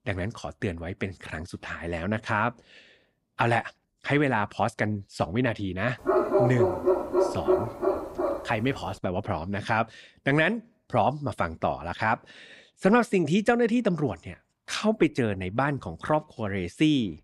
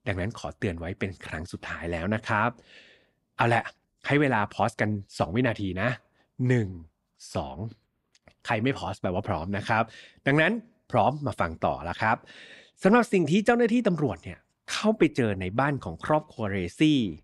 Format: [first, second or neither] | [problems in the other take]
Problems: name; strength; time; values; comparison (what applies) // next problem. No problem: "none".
second | dog barking; loud; from 6 to 8.5 s; peak 4 dB above the speech